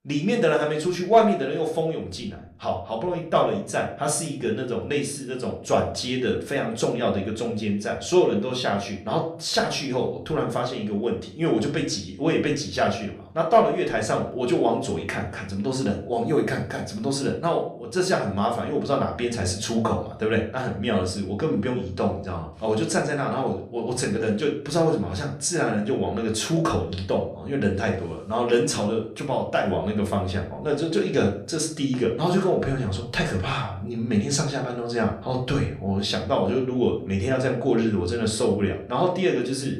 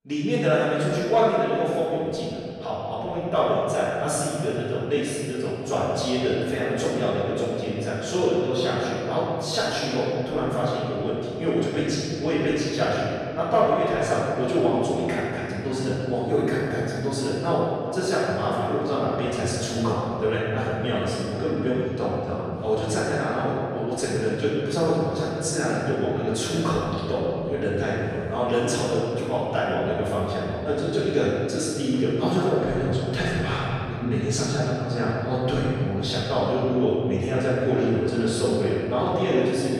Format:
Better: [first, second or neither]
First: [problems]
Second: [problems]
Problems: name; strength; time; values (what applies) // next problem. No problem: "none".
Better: first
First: room echo; slight; dies away in 0.4 s // off-mic speech; somewhat distant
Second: room echo; strong; dies away in 2.8 s // off-mic speech; far